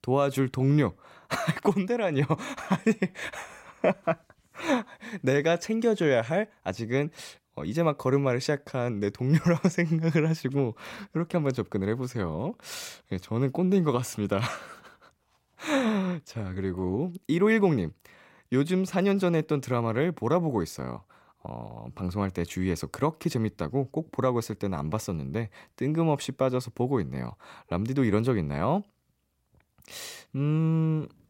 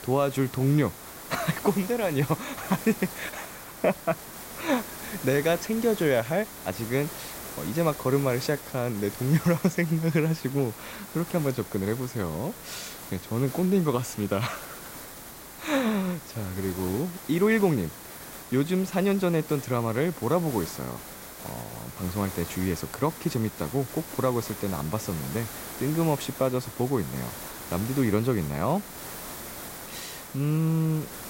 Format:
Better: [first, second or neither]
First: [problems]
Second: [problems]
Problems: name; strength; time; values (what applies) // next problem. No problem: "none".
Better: first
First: none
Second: hiss; noticeable; throughout; 10 dB below the speech